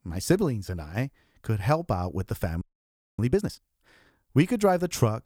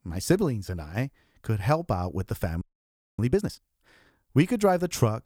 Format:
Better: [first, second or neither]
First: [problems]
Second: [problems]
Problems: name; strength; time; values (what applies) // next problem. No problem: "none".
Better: neither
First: audio freezing; at 2.5 s for 0.5 s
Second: audio freezing; at 2.5 s for 0.5 s